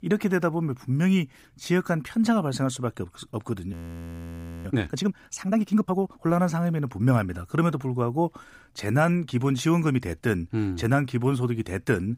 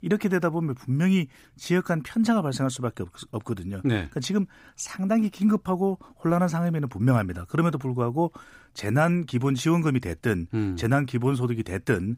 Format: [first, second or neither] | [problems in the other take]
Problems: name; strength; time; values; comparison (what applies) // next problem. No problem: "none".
second | audio freezing; at 3.5 s for 1 s